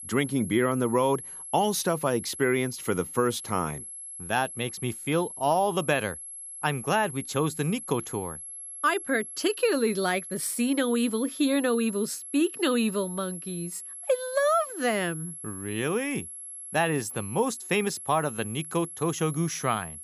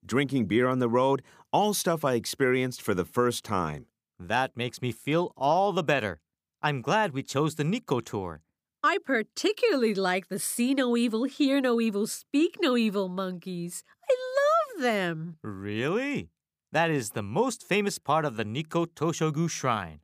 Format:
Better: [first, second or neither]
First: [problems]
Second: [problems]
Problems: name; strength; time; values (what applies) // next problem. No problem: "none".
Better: second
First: high-pitched whine; noticeable; throughout; 11 kHz, 10 dB below the speech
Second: none